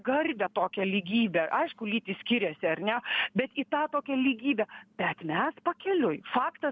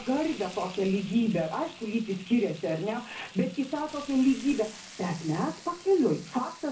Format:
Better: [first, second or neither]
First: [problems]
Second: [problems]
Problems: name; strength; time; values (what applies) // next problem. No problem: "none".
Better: first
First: none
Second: background sound (Frying (food)); 18 dB below the speech // room echo; dies away in 0.4 s